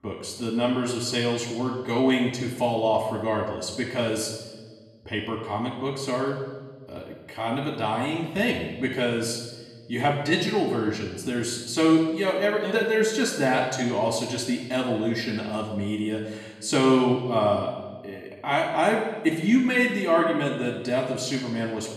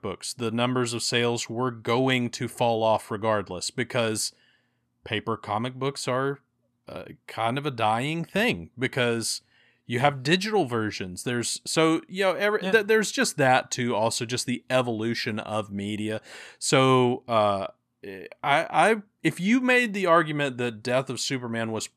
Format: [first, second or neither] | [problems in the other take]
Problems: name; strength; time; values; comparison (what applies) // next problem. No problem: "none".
second | off-mic speech; far // room echo; noticeable; dies away in 1.1 s